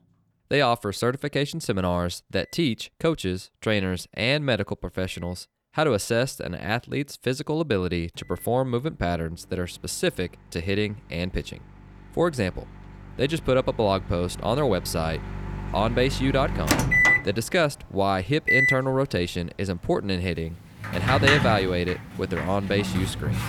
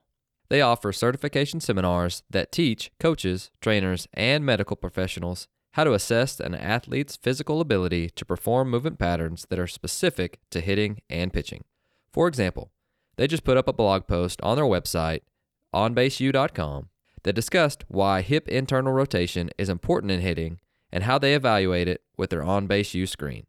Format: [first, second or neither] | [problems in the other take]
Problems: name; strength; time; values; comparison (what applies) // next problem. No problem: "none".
second | household noises; very loud; throughout; 1 dB above the speech